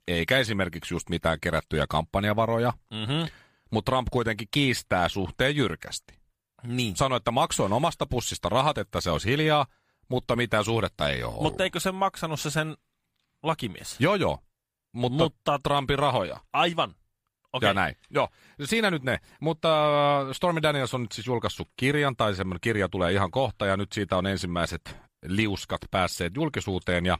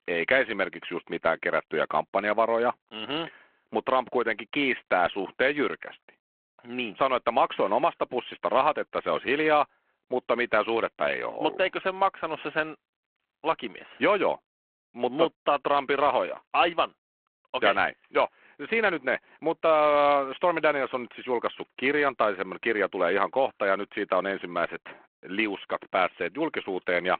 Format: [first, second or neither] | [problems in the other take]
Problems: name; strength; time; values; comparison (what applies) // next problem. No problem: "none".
first | phone-call audio